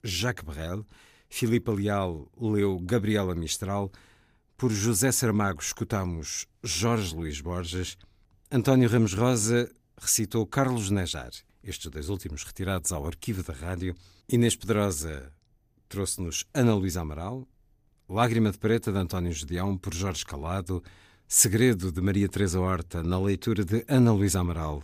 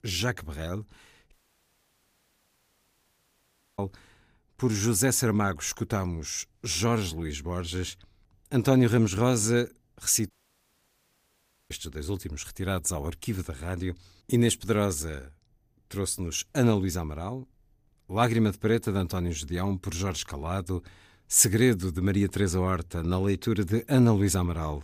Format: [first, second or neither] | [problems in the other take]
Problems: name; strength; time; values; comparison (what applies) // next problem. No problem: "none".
first | audio cutting out; at 1.5 s for 2.5 s and at 10 s for 1.5 s